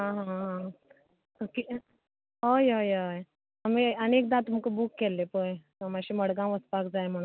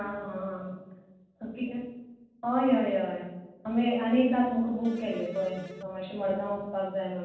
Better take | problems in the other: first | noise reduction (neural separator model SepFormer DNS4)

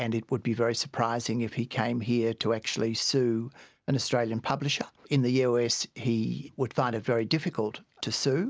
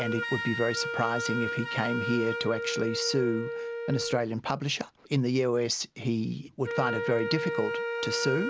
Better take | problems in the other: first | background sound (Wind instrument, woodwind instrument); 4 dB below the speech

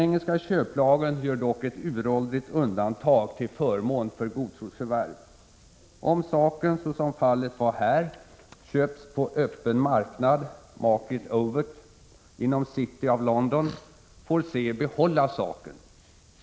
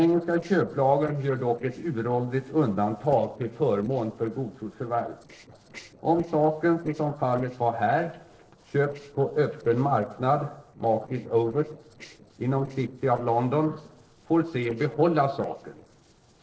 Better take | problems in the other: first | noise reduction (neural separator model SepFormer DNS4)

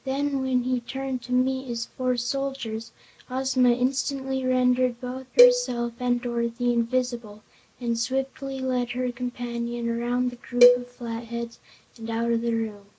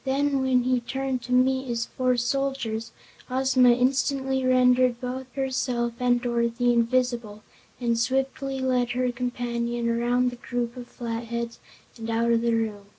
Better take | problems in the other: second | background sound (Cowbell); 2 dB above the speech

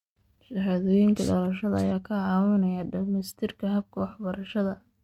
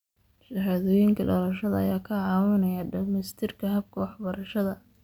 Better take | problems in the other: second | noise reduction (neural mask model RNNoise)

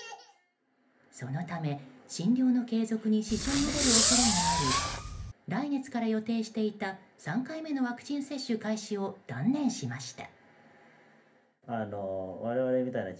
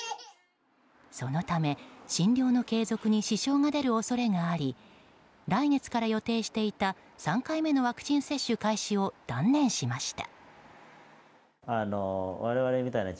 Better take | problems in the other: second | background sound (Fireworks); 5 dB above the speech // room echo; dies away in 0.3 s

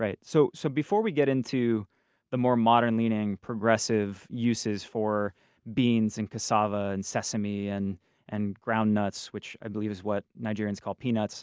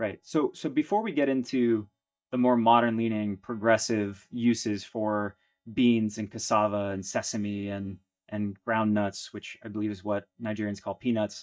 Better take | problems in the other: first | noise reduction (neural mask model DeepFilterNet 3)

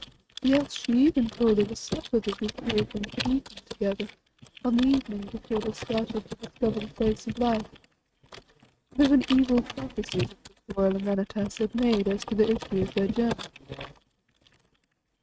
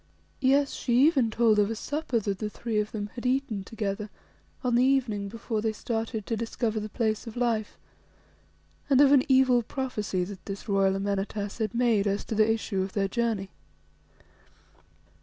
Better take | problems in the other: second | noise reduction (neural mask model RNNoise)

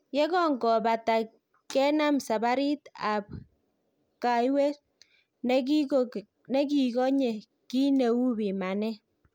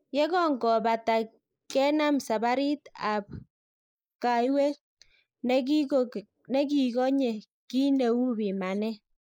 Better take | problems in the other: first | noise reduction (neural mask model Resemble Enhance denoiser)

